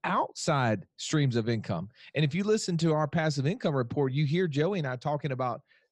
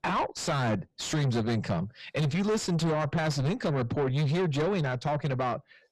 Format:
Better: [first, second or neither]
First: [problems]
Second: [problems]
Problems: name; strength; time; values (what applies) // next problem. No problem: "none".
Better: first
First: none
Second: distortion; heavy; 6 dB below the speech